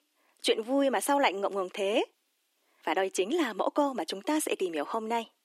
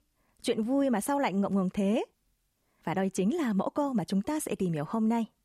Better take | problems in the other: second | thin; somewhat; fading below 300 Hz

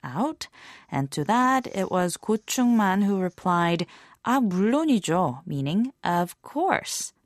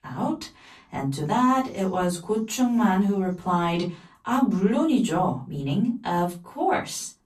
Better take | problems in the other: first | off-mic speech; far // room echo; very slight; dies away in 0.3 s

